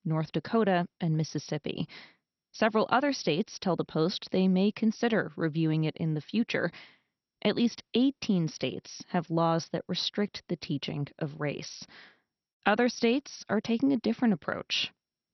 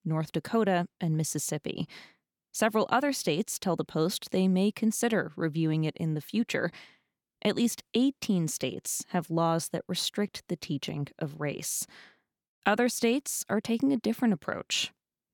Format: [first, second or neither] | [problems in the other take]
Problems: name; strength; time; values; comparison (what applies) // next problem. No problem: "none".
second | garbled, watery; slightly; nothing above 6 kHz